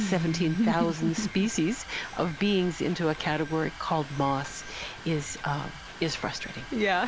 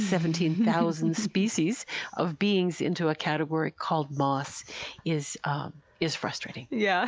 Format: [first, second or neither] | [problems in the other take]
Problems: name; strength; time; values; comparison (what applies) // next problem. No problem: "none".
second | background sound (Mechanisms); 14 dB below the speech